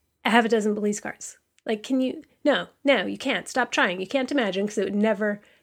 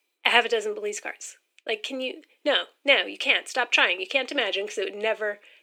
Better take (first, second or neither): first